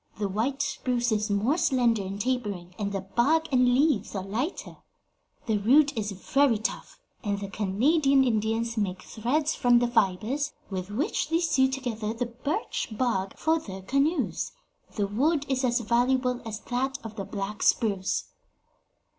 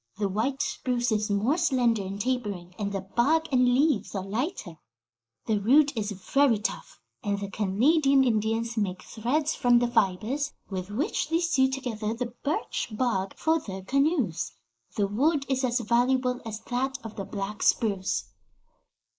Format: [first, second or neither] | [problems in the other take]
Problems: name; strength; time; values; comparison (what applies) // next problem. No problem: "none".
first | noise reduction (neural mask model Resemble Enhance denoiser)